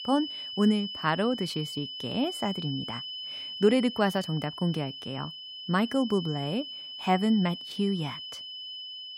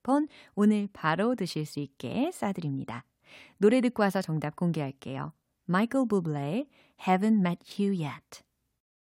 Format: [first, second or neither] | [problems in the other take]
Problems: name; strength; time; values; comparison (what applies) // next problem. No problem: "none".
second | high-pitched whine; loud; throughout; 3 kHz, 8 dB below the speech